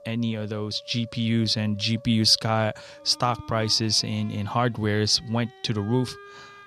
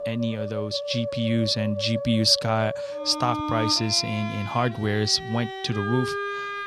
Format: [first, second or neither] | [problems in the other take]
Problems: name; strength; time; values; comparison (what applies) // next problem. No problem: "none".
first | background music; loud; throughout; 7 dB below the speech; faint in the first